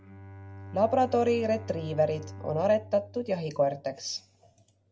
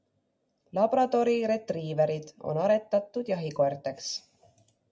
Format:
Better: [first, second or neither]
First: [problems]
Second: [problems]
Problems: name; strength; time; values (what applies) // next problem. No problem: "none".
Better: second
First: background sound (Bowed string instrument); 15 dB below the speech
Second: none